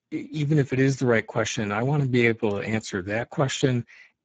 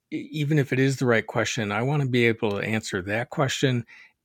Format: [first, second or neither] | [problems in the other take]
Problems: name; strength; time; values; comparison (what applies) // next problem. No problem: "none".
second | garbled, watery; badly; nothing above 7.5 kHz